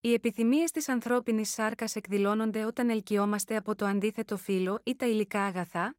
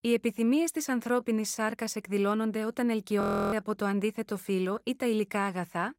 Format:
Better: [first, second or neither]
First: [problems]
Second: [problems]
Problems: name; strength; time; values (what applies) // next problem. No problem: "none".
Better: first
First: none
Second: audio freezing; at 3 s